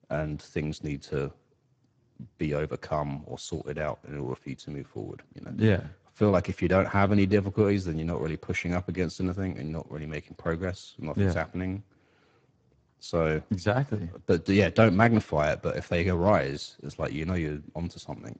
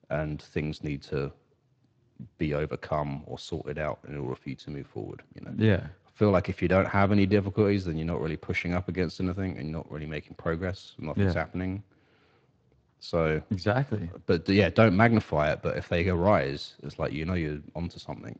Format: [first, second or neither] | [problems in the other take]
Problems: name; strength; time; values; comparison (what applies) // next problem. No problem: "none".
second | garbled, watery; badly; nothing above 7.5 kHz; slightly in the second